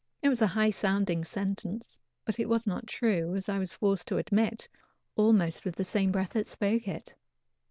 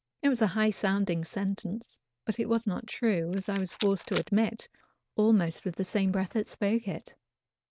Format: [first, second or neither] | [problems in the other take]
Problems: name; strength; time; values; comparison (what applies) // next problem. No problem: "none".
first | noise reduction (neural mask model RNNoise)